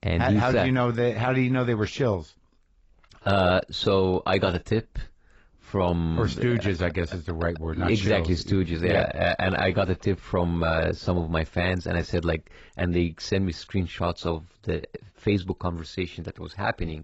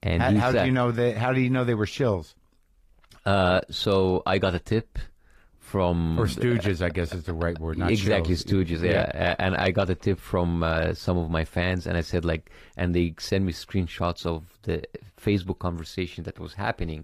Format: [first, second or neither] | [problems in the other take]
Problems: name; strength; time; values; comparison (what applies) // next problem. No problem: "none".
second | garbled, watery; badly; nothing above 8 kHz; slightly in the second